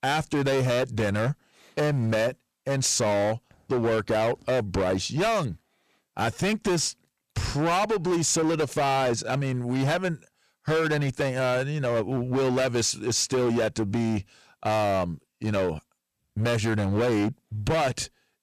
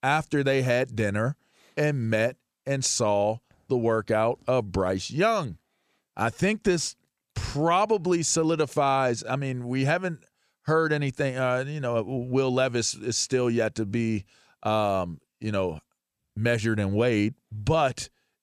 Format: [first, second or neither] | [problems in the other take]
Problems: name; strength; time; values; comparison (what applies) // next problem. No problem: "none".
second | distortion; heavy; 20% of the sound clipped